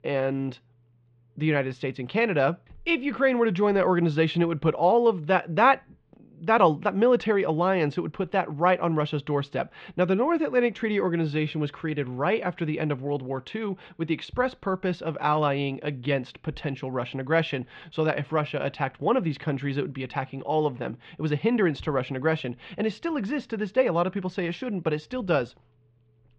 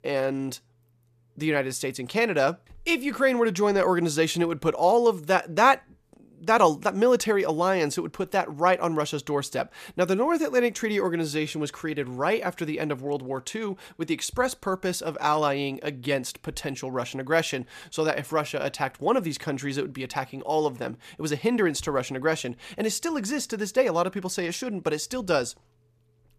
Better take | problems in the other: second | muffled; very; fading above 3 kHz

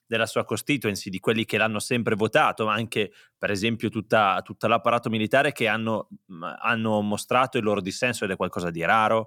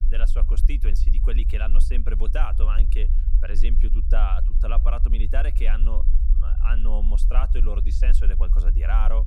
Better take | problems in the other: first | low rumble; noticeable; throughout; 10 dB below the speech

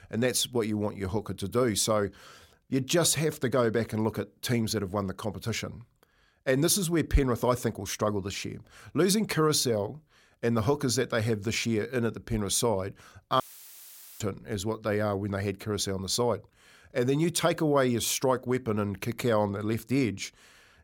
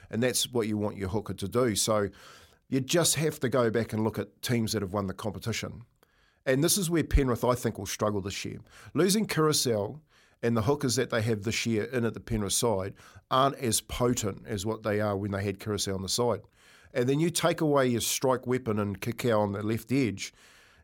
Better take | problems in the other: second | audio cutting out; filled with static; at 13 s for 1 s

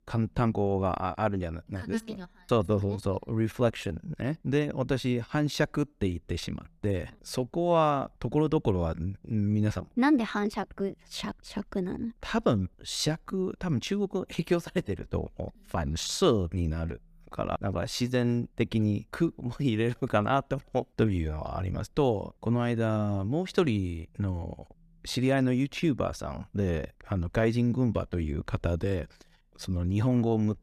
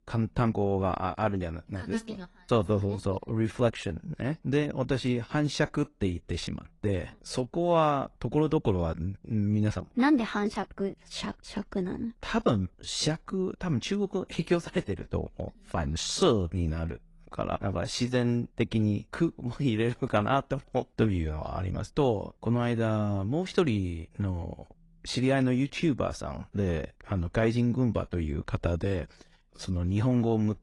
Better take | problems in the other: first | garbled, watery; slightly

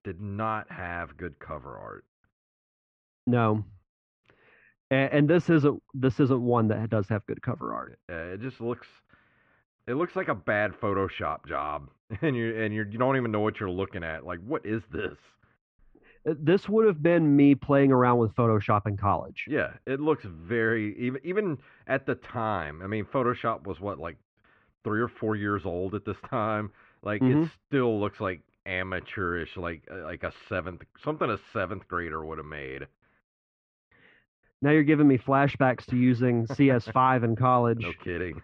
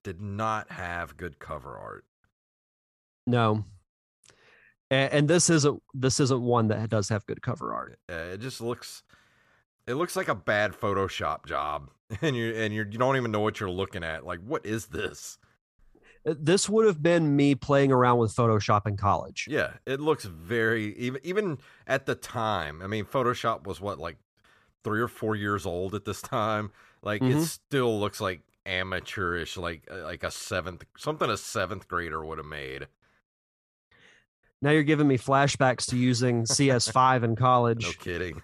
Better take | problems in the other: second | muffled; very; fading above 2.5 kHz

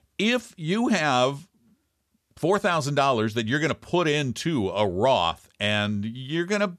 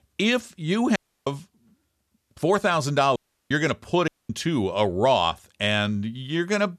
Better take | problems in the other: first | audio cutting out; at 1 s, at 3 s and at 4 s

